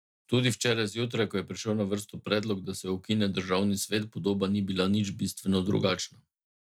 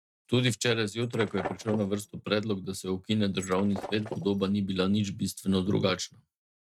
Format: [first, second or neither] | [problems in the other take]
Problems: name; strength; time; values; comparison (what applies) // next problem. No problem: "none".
first | noise reduction (neural mask model RNNoise)